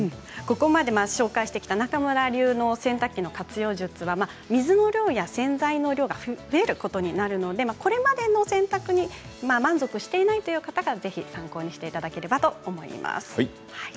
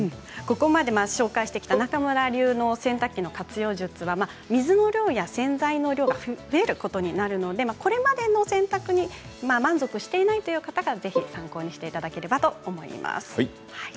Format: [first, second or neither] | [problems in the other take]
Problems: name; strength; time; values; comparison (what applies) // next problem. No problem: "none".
first | background sound (Bowed string instrument); 6 dB below the speech